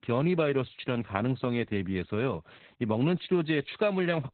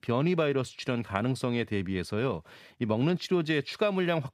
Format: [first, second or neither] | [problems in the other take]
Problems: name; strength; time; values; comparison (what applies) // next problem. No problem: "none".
second | garbled, watery; badly; nothing above 4 kHz